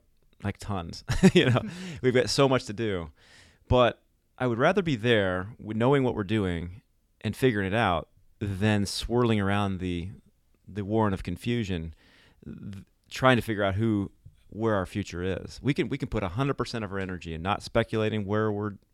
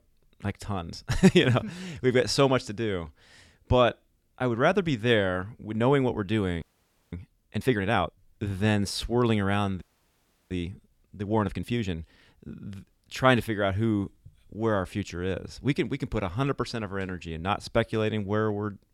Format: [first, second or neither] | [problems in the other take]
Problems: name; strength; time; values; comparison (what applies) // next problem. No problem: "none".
first | audio freezing; at 6.5 s for 0.5 s and at 10 s for 0.5 s